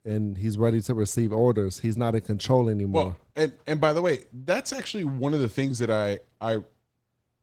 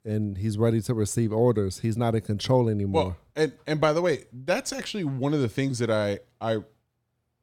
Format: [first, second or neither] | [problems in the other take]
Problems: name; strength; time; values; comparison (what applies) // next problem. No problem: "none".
second | garbled, watery; slightly; nothing above 17 kHz